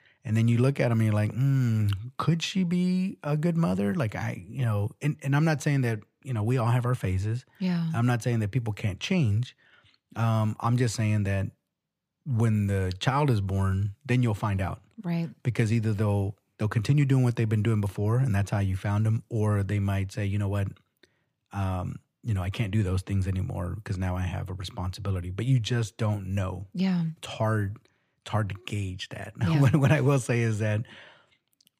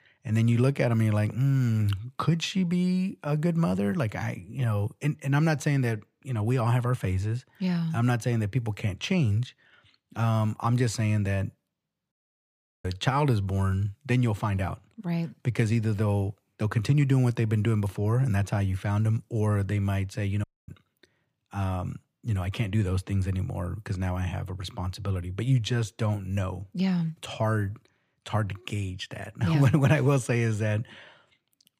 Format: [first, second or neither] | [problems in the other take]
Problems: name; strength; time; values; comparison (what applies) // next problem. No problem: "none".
first | audio cutting out; at 12 s for 0.5 s and at 20 s